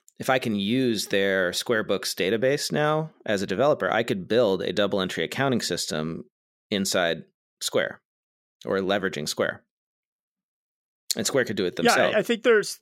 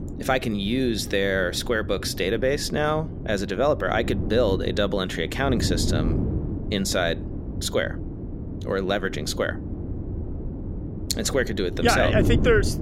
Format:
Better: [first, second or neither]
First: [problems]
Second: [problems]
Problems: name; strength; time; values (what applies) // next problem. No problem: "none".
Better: first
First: none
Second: wind noise on the microphone; occasional gusts; 15 dB below the speech